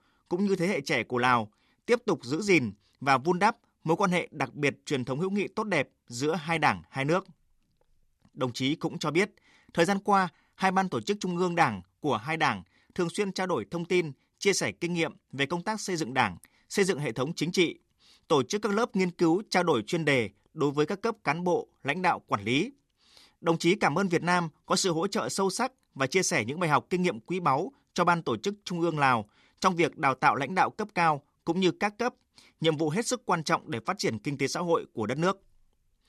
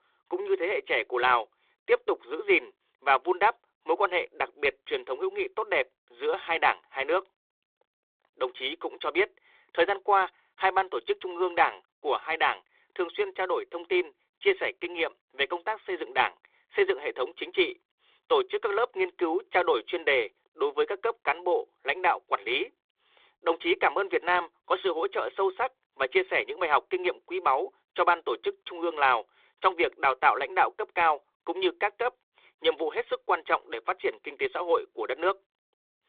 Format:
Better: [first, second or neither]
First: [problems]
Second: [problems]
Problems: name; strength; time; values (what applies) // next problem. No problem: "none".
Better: first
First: none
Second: phone-call audio